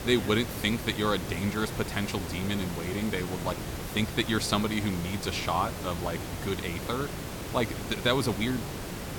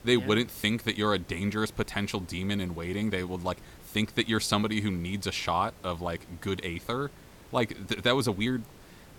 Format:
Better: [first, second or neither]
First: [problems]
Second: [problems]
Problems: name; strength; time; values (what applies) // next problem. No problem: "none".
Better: second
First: hiss; loud; throughout; 6 dB below the speech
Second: hiss; faint; throughout; 20 dB below the speech